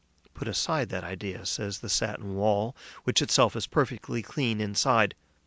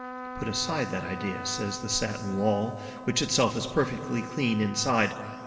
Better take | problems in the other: first | background sound (Trumpet); 11 dB below the speech // room echo; dies away in 2.1 s

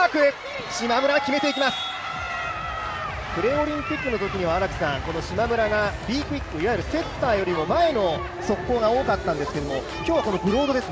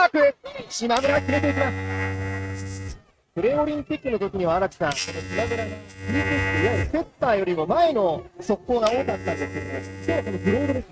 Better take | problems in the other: first | noise reduction (neural mask model RNNoise)

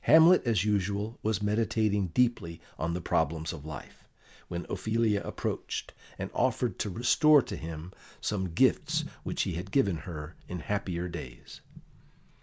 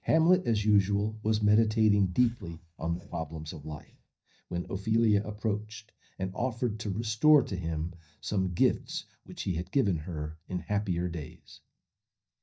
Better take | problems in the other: first | noise reduction (neural mask model DeepFilterNet 3)

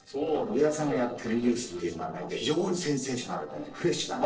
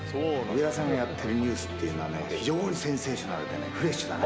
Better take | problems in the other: second | noise reduction (neural separator model SepFormer DNS4)

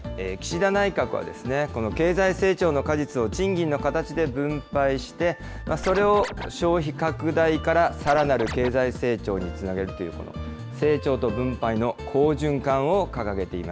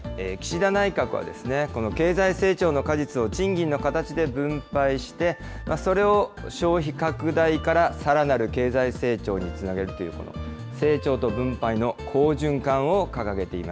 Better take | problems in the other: second | background sound (Scratching (performance technique)); 10 dB below the speech

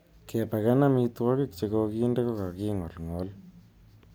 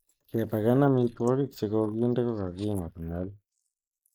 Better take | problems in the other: first | noise reduction (neural mask model Resemble Enhance denoiser)

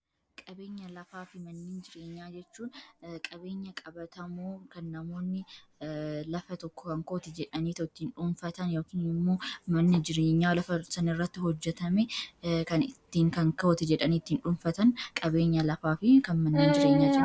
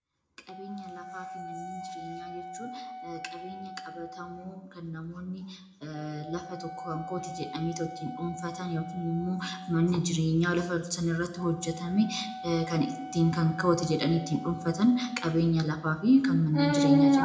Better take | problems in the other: first | background sound (Wind instrument, woodwind instrument); 15 dB below the speech // room echo; dies away in 0.6 s

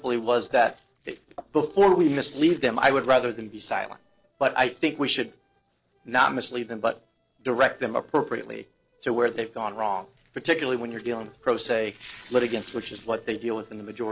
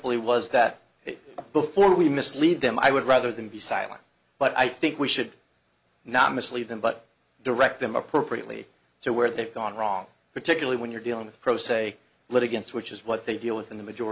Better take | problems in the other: second | noise reduction (neural separator model SepFormer DNS4)

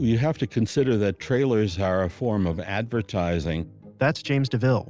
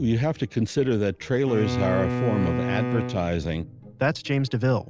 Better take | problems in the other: first | background sound (Bowed string instrument); 4 dB below the speech

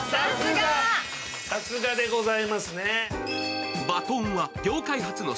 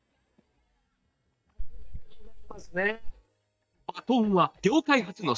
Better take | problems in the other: first | noise reduction (neural mask model DeepFilterNet 3)

